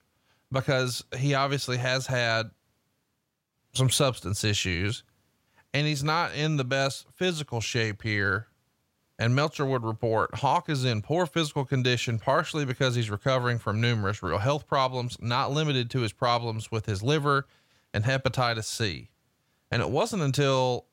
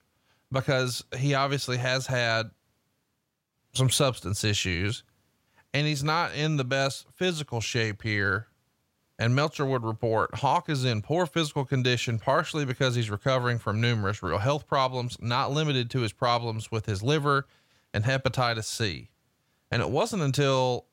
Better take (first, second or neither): neither